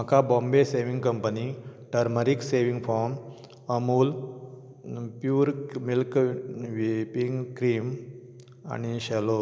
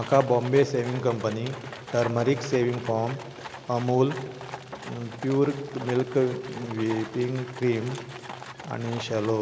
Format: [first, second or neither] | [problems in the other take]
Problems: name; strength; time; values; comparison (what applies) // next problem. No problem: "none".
first | background sound (Livestock, farm animals, working animals); 14 dB below the speech